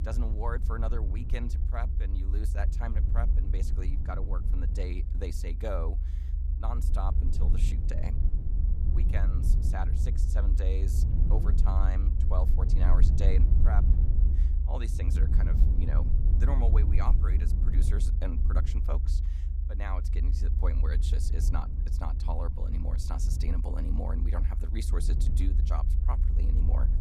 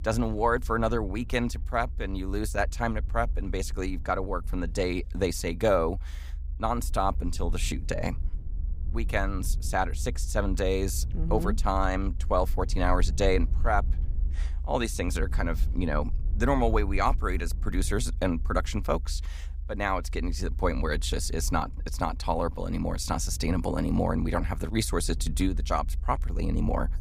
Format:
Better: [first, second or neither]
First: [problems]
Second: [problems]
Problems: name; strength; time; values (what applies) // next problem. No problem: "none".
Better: second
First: low rumble; loud; throughout; 5 dB below the speech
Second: low rumble; faint; throughout; 25 dB below the speech